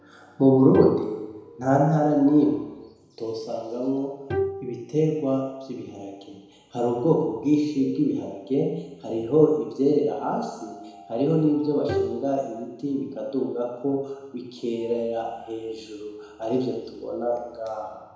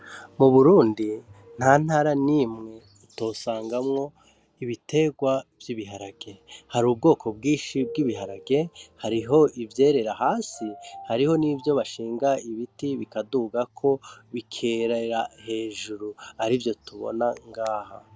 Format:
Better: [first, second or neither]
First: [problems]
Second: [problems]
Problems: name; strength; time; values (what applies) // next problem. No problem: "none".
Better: second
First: background sound (Bowed string instrument); 10 dB below the speech // room echo; dies away in 1 s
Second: none